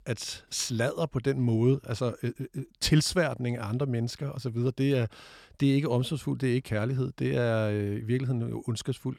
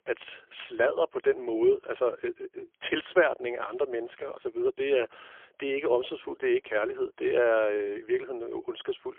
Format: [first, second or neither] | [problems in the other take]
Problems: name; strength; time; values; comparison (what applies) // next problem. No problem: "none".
first | phone-call audio; poor line; nothing above 3.5 kHz